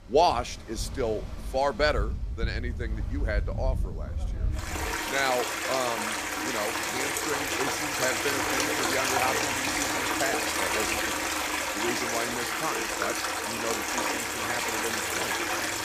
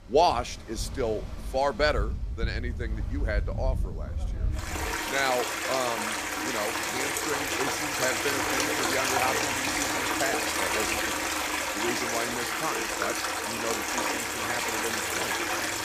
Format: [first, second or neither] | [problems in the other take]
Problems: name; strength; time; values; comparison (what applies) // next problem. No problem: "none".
neither | rain or running water; very loud; throughout; 4 dB above the speech; the same in both